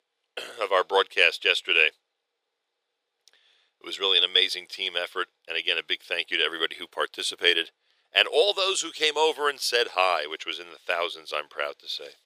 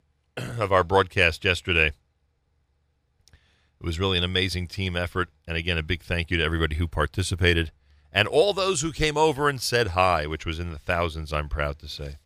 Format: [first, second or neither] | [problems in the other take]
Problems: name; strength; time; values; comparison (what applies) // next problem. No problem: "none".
second | thin; very; fading below 400 Hz